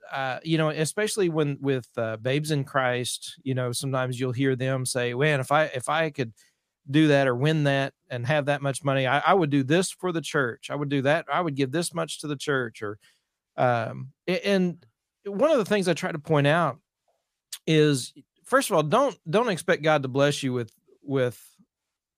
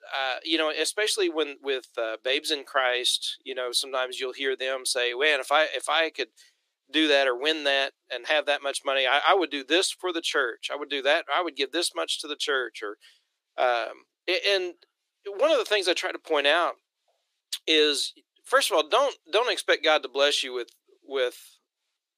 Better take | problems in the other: first | thin; very; fading below 350 Hz

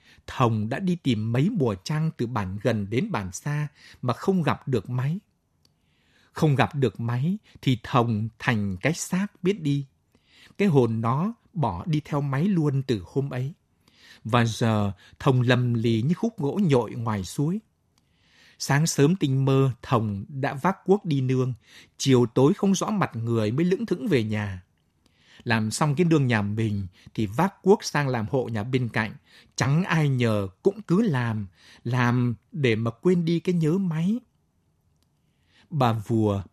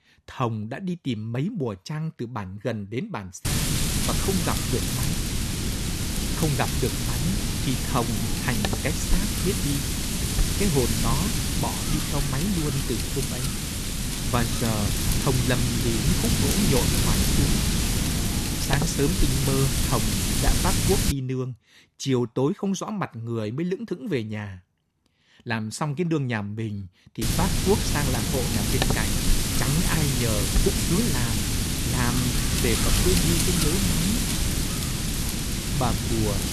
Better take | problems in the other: first | wind noise on the microphone; heavy; from 3.5 to 21 s and from 27 s on; 3 dB above the speech

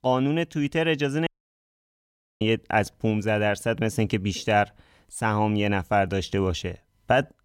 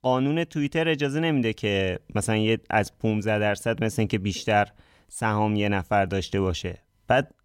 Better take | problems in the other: second | audio cutting out; at 1.5 s for 1 s

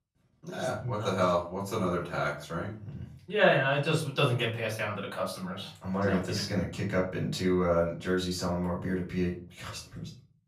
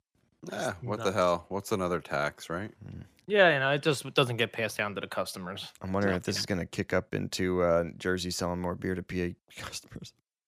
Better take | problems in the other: second | off-mic speech; far // room echo; slight; dies away in 0.4 s

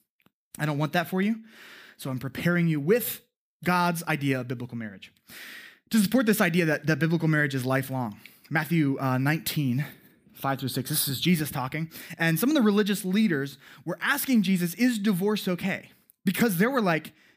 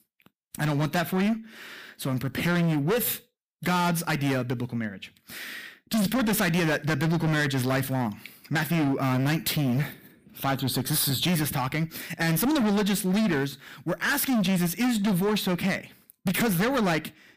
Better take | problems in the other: first | distortion; heavy; 22% of the sound clipped

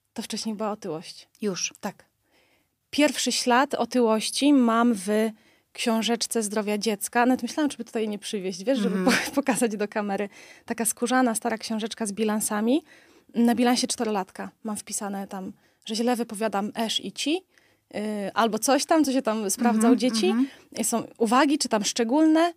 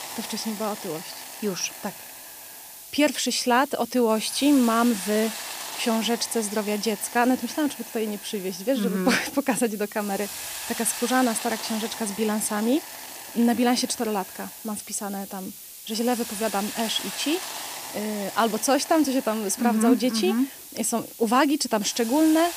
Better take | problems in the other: first | hiss; noticeable; throughout; 10 dB below the speech

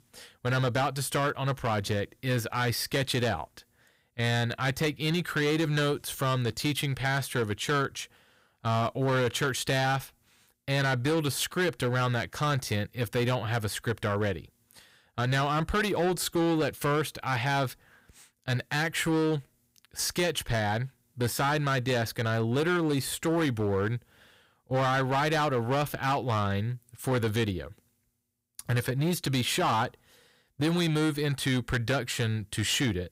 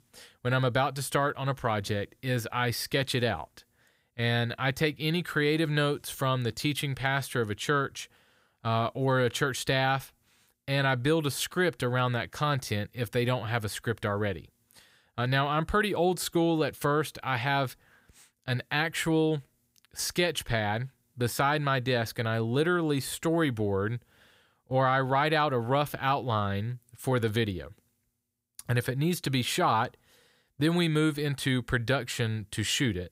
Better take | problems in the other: second | distortion; slight; 11% of the sound clipped

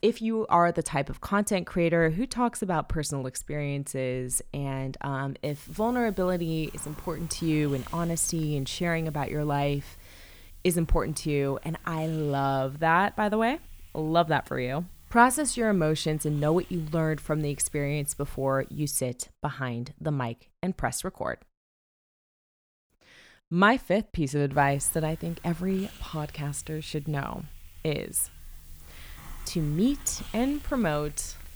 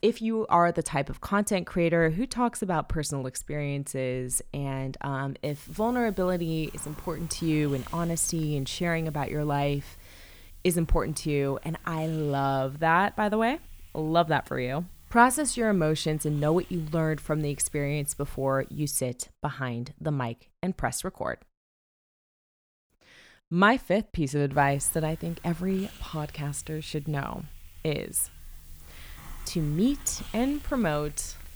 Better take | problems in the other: neither | hiss; faint; from 5.5 to 19 s and from 25 s on; 20 dB below the speech; the same in both

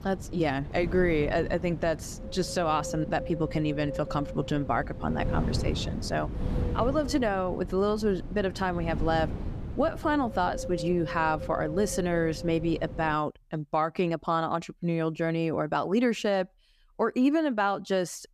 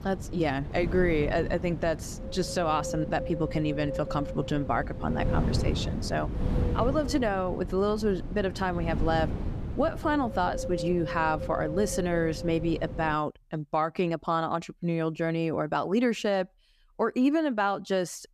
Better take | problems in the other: first | wind noise on the microphone; heavy; until 13 s; 10 dB below the speech; occasional gusts in the first

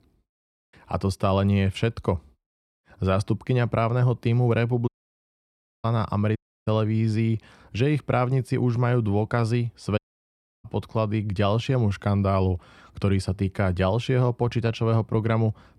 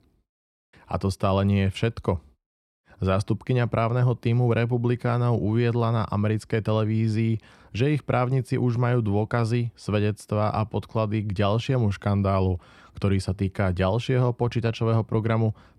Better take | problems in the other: second | audio cutting out; at 5 s for 1 s, at 6.5 s and at 10 s for 0.5 s

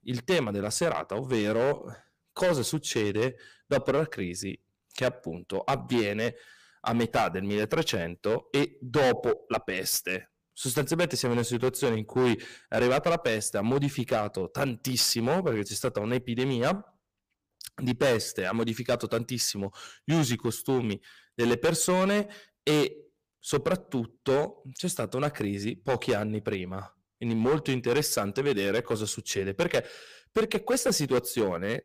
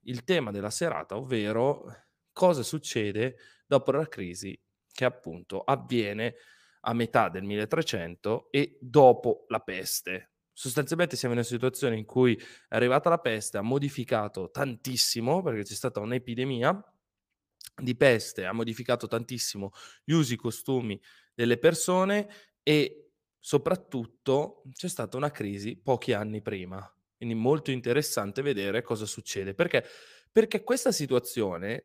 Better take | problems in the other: second | distortion; heavy; 7% of the sound clipped

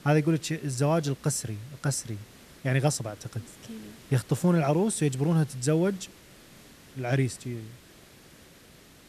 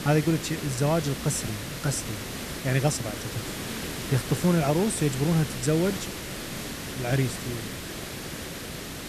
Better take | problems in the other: first | hiss; loud; throughout; 7 dB below the speech; faint in the first

